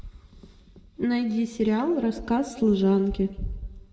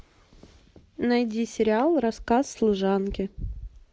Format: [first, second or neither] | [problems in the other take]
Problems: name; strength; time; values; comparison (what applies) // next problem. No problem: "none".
second | room echo; dies away in 1.1 s